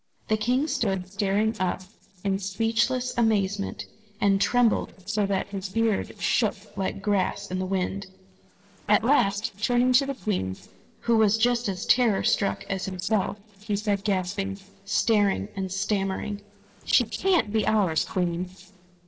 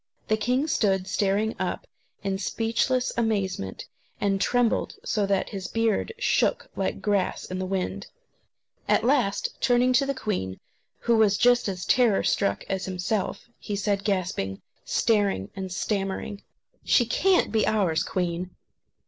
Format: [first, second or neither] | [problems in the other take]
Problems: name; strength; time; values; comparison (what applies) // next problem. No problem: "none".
second | noise reduction (neural separator model SepFormer DNS4)